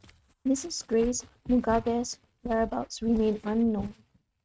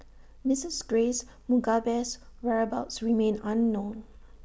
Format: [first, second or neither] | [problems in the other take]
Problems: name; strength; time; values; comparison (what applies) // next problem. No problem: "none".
second | noise reduction (neural mask model RNNoise)